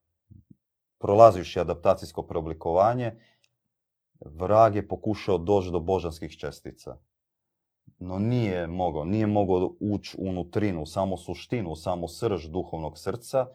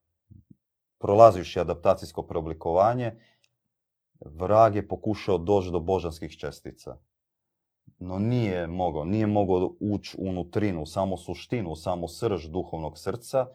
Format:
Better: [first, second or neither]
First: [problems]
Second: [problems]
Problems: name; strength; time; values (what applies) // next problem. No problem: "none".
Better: neither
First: none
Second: none